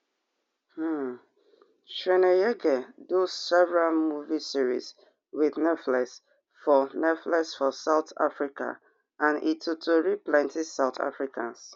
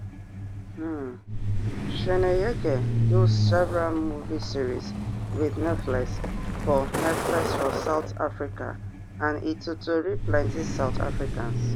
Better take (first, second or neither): first